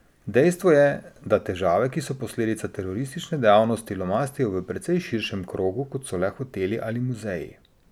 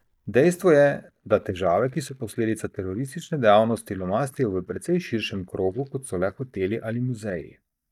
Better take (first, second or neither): first